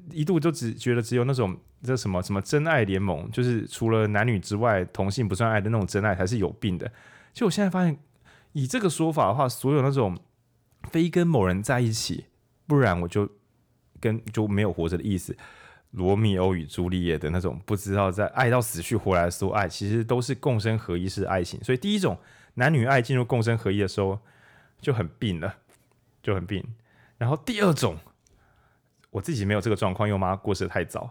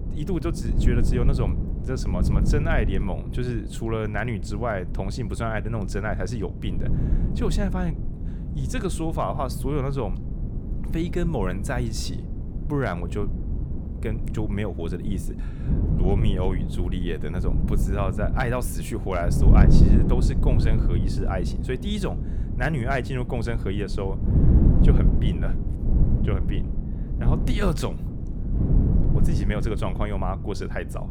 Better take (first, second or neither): first